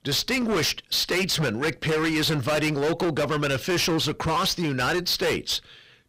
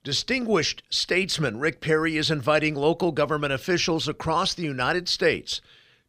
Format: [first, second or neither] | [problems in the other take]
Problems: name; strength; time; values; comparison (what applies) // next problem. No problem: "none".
second | distortion; heavy; 27% of the sound clipped